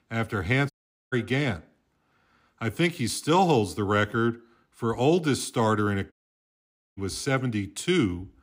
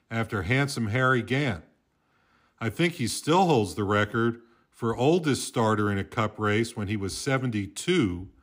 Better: second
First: audio cutting out; at 0.5 s and at 6 s for 1 s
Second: none

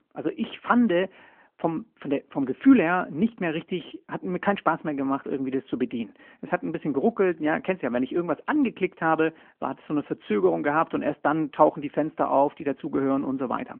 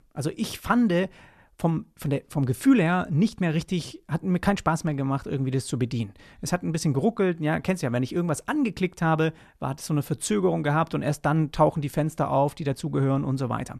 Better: second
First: phone-call audio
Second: none

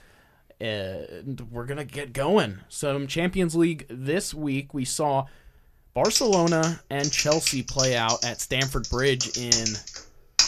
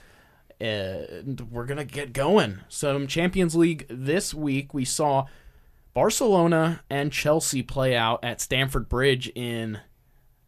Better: second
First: keyboard typing; loud; from 6 s on; peak 5 dB above the speech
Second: none

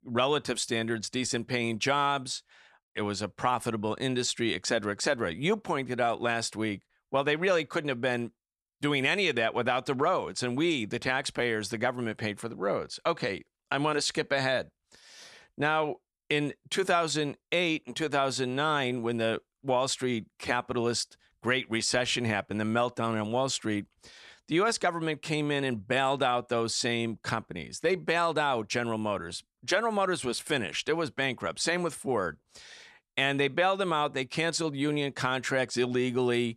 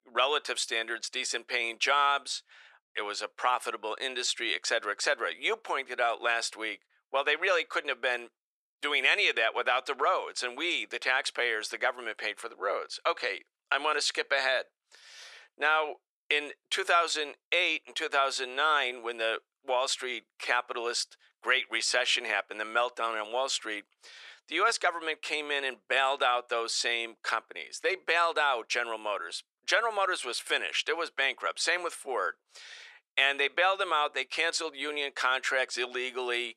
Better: first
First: none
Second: thin; very; fading below 450 Hz

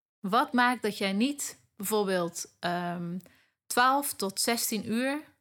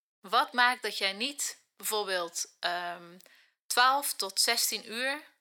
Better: first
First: none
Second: thin; somewhat; fading below 550 Hz

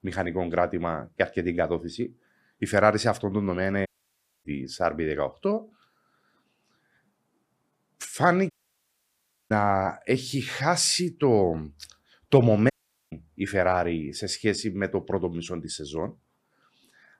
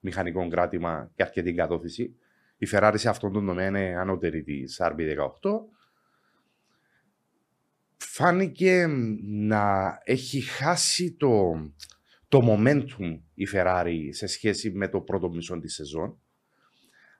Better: second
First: audio cutting out; at 4 s for 0.5 s, at 8.5 s for 1 s and at 13 s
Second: none

